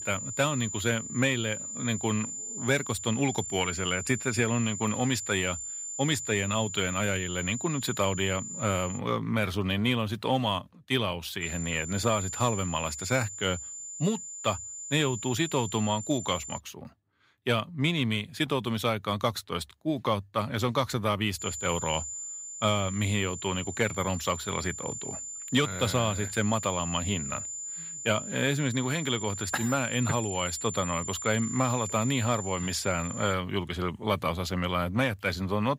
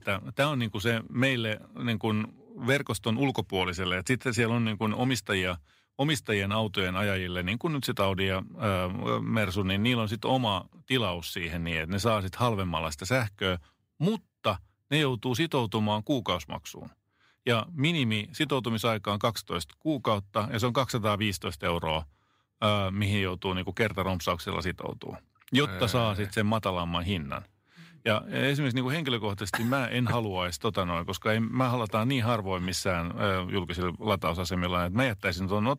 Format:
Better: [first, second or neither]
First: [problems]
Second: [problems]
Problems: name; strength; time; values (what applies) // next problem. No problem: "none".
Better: second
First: high-pitched whine; loud; until 9 s, from 11 to 17 s and from 21 to 33 s; 7 kHz, 7 dB below the speech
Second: none